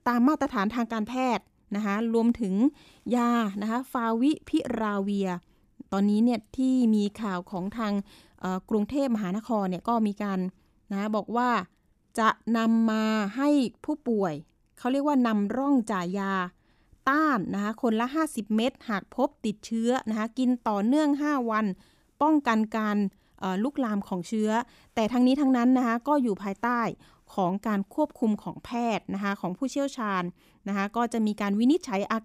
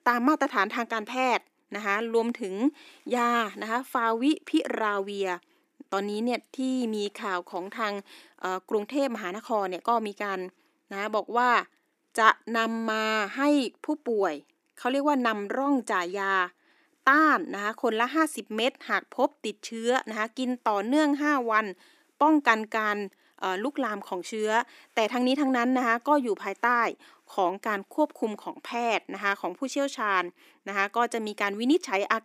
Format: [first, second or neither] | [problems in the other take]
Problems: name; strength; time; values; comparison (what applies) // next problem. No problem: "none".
first | thin; somewhat; fading below 300 Hz